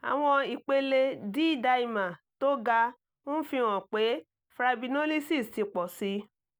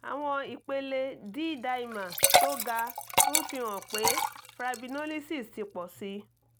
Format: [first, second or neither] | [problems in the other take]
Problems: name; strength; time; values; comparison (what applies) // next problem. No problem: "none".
first | background sound (Liquid); 3 dB above the speech